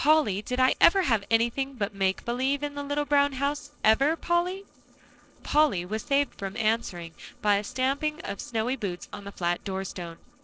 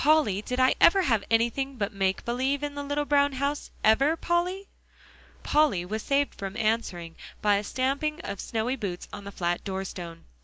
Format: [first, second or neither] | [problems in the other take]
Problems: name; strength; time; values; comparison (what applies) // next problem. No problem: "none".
second | noise reduction (neural separator model SepFormer DNS4)